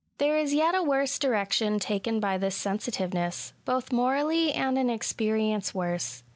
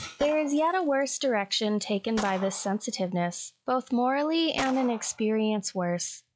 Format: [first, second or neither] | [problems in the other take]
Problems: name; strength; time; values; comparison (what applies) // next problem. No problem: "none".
first | noise reduction (classical method log-MMSE)